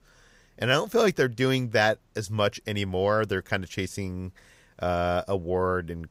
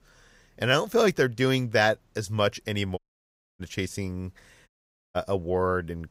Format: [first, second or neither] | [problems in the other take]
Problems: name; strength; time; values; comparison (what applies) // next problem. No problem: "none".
first | audio cutting out; at 3 s for 0.5 s and at 4.5 s